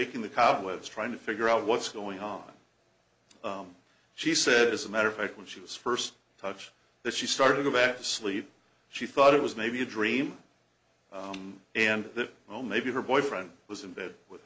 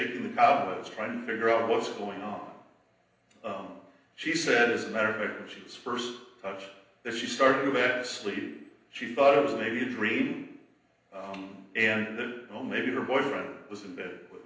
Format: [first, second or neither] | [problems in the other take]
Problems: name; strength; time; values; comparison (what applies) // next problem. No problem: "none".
first | room echo; dies away in 0.8 s